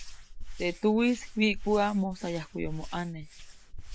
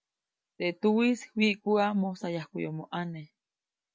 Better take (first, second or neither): second